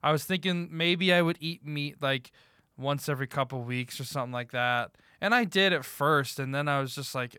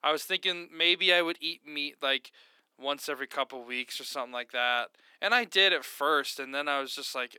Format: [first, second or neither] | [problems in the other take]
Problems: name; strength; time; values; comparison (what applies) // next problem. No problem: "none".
first | thin; somewhat; fading below 300 Hz